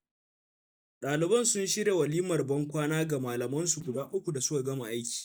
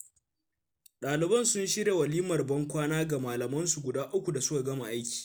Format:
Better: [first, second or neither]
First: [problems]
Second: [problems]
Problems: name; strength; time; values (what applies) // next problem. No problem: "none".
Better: second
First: noise reduction (neural mask model DeepFilterNet 3)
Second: none